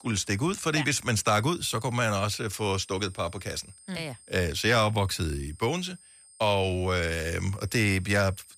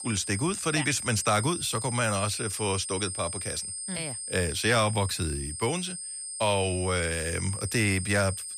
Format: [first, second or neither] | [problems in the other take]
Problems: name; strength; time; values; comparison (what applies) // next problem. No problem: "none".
first | high-pitched whine; loud; throughout; 8.5 kHz, 6 dB below the speech; faint in the first